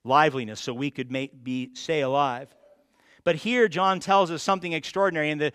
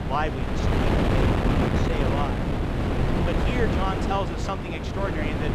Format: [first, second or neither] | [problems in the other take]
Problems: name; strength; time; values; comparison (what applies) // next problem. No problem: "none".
first | wind noise on the microphone; heavy; 2 dB above the speech